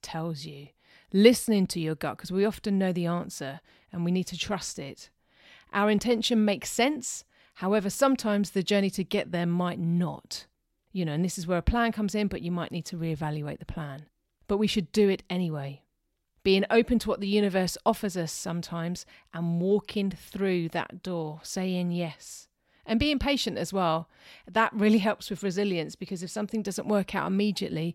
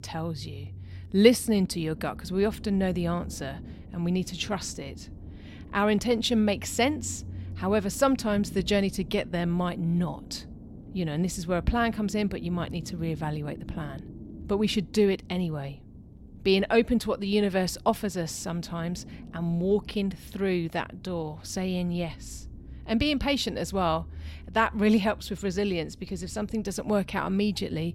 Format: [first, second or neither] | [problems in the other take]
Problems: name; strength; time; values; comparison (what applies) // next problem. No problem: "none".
first | low rumble; faint; throughout; 25 dB below the speech